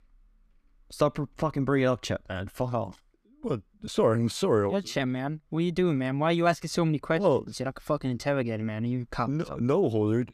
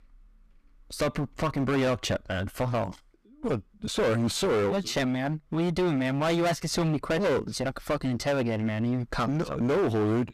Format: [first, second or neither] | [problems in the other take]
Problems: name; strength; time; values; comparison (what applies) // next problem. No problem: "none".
first | distortion; heavy; 18% of the sound clipped